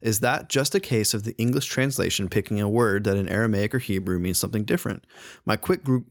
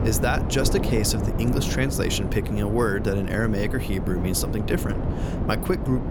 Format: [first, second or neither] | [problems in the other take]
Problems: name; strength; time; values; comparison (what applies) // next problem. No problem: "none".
first | wind noise on the microphone; heavy; 6 dB below the speech